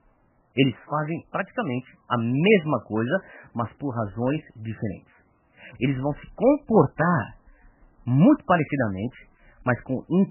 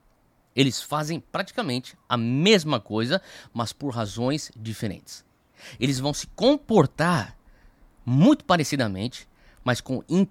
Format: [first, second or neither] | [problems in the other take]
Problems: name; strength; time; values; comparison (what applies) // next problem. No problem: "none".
second | garbled, watery; badly; nothing above 3 kHz